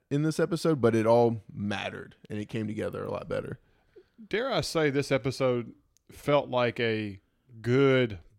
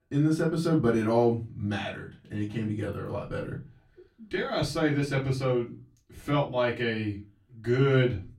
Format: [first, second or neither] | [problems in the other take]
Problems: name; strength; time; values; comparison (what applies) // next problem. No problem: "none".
first | off-mic speech; far // room echo; very slight; dies away in 0.3 s